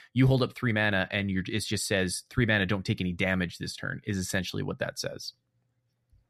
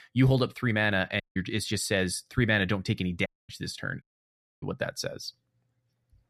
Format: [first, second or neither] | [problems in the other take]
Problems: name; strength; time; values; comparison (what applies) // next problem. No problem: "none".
first | audio cutting out; at 1 s, at 3.5 s and at 4 s for 0.5 s